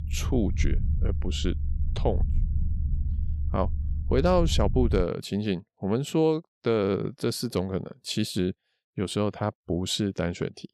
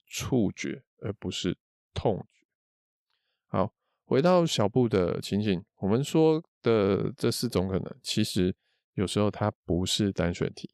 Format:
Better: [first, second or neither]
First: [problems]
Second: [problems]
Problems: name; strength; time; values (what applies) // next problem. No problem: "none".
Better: second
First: low rumble; noticeable; until 5 s; 15 dB below the speech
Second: none